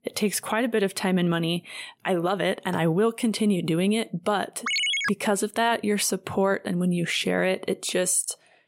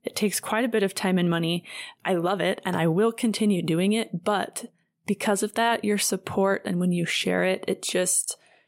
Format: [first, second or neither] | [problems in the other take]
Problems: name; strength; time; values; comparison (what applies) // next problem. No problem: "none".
second | phone ringing; loud; at 4.5 s; peak 2 dB above the speech